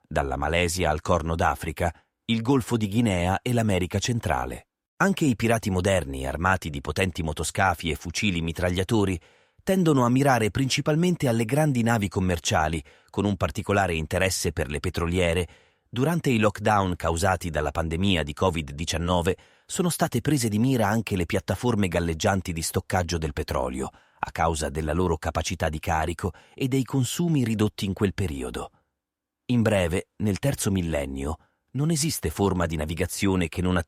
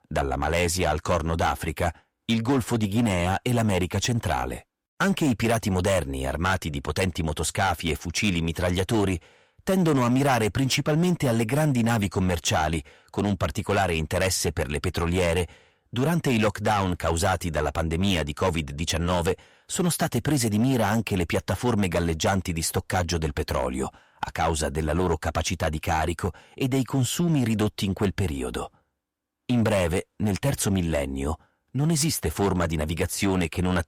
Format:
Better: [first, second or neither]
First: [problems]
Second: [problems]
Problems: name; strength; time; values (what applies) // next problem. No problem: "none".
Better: first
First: none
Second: distortion; slight; 7% of the sound clipped